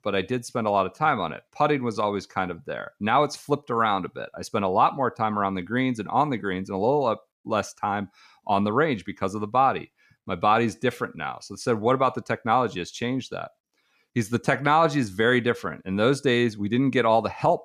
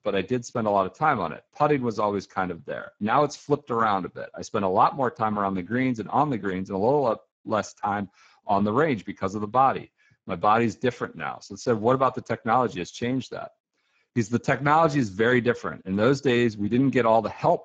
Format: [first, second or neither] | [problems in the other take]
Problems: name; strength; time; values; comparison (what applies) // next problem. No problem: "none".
first | garbled, watery; badly